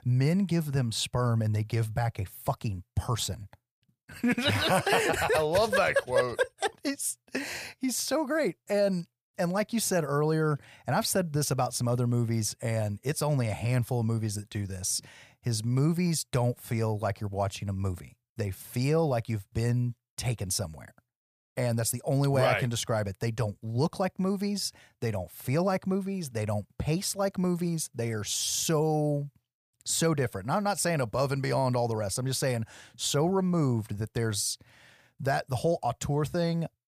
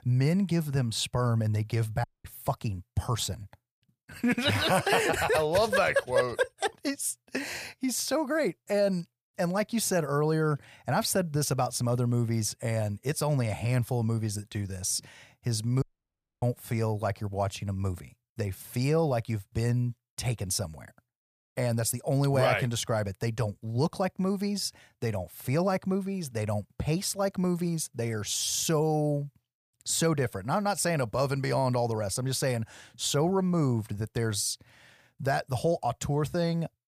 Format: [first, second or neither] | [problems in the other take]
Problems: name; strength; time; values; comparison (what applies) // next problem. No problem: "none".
first | audio cutting out; at 2 s and at 16 s for 0.5 s